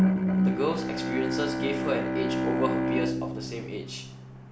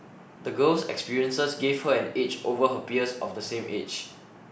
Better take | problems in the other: second | background sound (Bowed string instrument); 5 dB above the speech

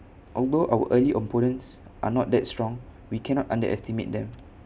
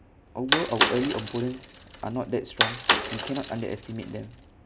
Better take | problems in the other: first | background sound (Bicycle); 2 dB above the speech

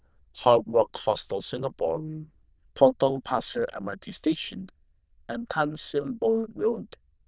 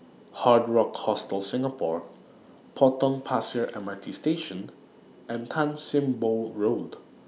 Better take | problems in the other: second | noise reduction (neural diffusion model UNIVERSE++)

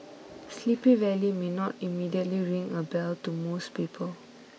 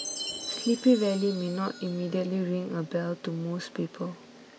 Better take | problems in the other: first | background sound (Chime); 13 dB below the speech

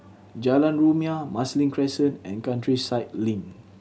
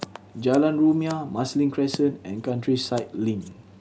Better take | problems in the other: first | background sound (Scissors); 20 dB below the speech

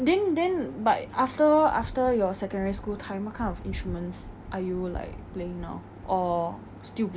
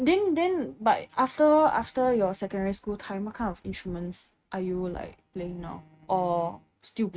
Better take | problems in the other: first | noise reduction (neural mask model RNNoise)

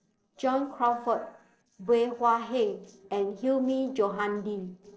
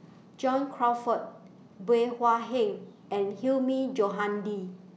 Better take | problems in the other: second | noise reduction (neural separator model SepFormer DNS4)

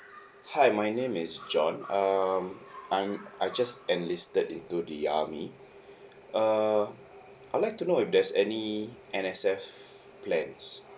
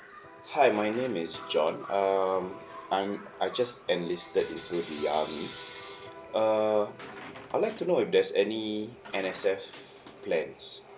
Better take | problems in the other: first | background sound (Coin (dropping) / Bell + Electric guitar); 18 dB below the speech

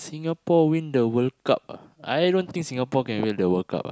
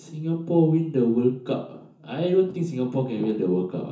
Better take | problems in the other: first | room echo; dies away in 0.6 s

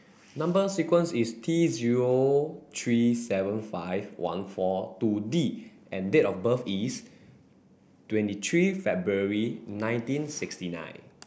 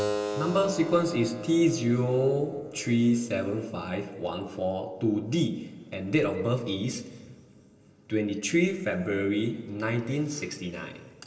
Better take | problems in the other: first | background sound (Keyboard (musical)); 13 dB below the speech // room echo; dies away in 2.2 s

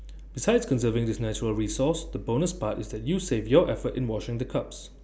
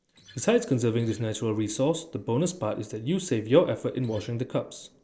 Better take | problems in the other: first | noise reduction (neural separator model SepFormer DNS4)

